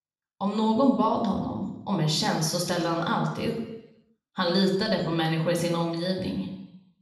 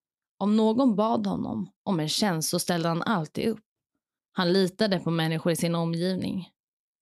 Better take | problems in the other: second | room echo; noticeable; dies away in 0.9 s // off-mic speech; somewhat distant

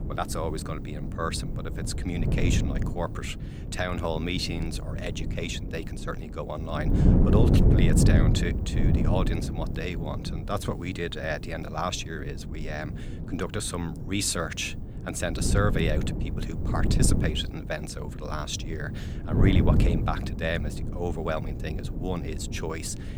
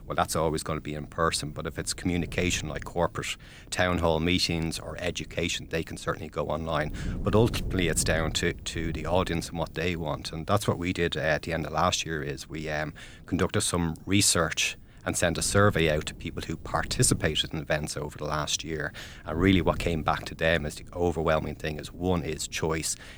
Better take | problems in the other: second | wind noise on the microphone; heavy; 5 dB below the speech; occasional gusts in the second

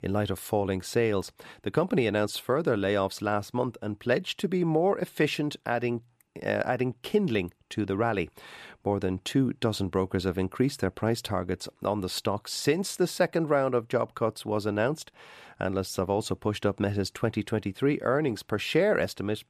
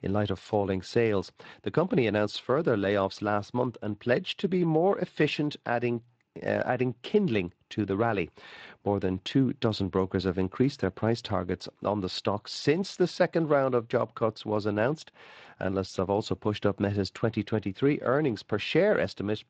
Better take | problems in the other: first | garbled, watery; slightly; nothing above 8 kHz

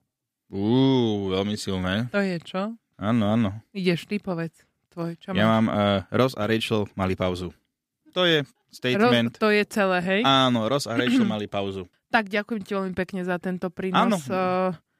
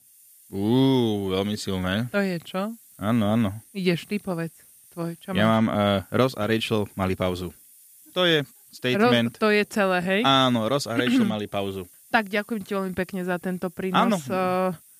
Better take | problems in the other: first | hiss; faint; throughout; 25 dB below the speech

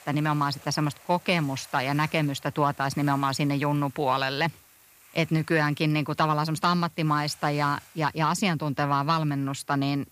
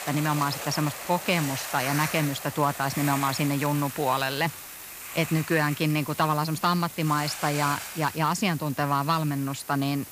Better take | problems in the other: first | hiss; loud; throughout; 9 dB below the speech; faint in the first

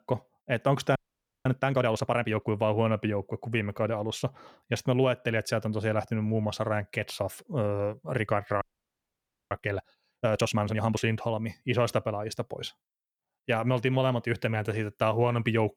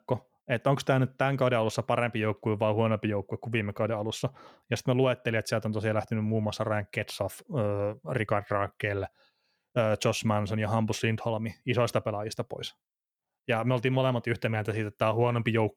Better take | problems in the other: second | audio freezing; at 1 s and at 8.5 s for 1 s

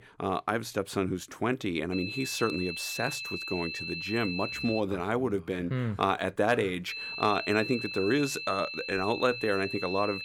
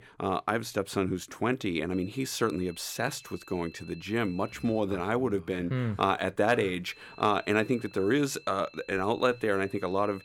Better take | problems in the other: second | high-pitched whine; loud; from 2 to 5 s and from 7 s on; 2.5 kHz, 5 dB below the speech; faint in the second

